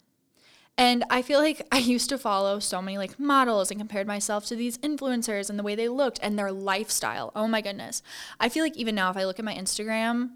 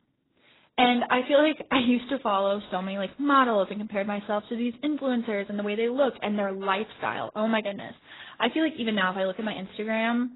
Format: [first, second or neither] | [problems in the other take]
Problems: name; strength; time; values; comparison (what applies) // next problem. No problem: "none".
first | garbled, watery; badly; nothing above 4 kHz